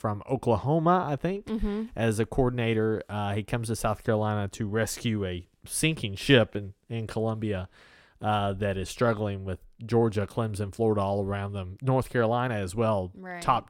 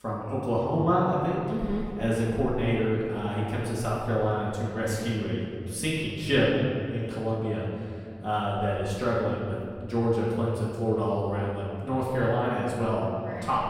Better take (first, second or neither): first